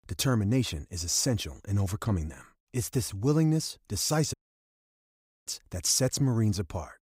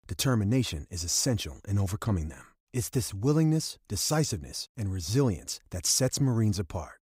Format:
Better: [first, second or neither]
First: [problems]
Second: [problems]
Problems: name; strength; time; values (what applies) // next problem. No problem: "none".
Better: second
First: audio cutting out; at 4.5 s for 1 s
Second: none